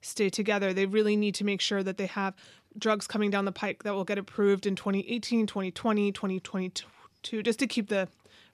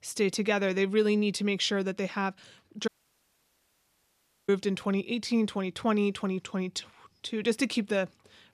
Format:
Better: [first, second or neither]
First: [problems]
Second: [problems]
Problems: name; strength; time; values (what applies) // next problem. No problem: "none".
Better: first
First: none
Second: audio cutting out; at 3 s for 1.5 s